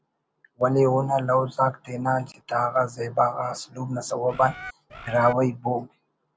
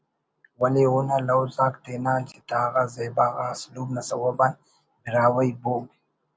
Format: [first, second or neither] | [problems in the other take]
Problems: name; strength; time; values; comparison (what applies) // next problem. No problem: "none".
second | background sound (Bird); 14 dB below the speech